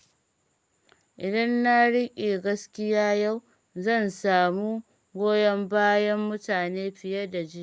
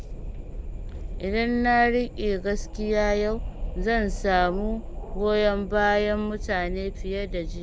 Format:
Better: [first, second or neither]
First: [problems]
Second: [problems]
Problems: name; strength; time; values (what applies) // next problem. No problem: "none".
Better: first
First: none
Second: background sound (Wind); 6 dB below the speech